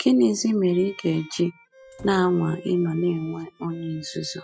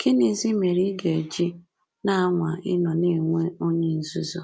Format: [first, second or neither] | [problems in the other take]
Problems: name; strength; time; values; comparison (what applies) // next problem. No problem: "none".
second | noise reduction (classical method spectral subtraction)